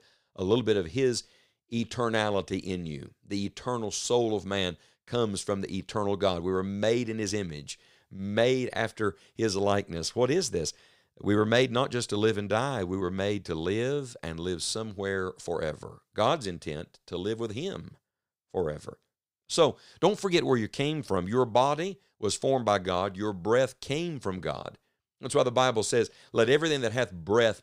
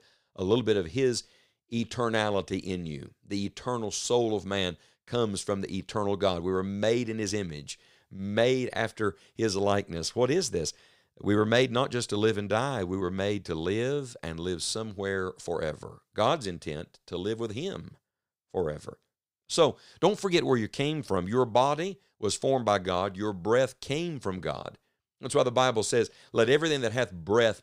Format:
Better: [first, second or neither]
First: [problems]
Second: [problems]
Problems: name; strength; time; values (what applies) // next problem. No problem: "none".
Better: neither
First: none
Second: none